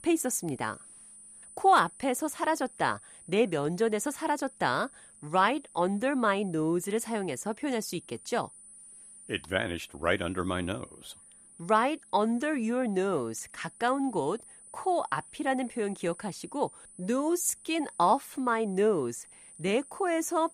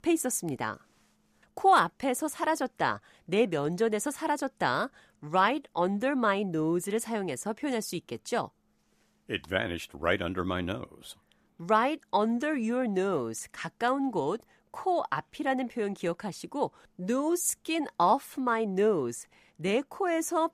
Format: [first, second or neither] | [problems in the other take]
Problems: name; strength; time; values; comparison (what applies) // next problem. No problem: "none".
second | high-pitched whine; noticeable; throughout; 9.5 kHz, 20 dB below the speech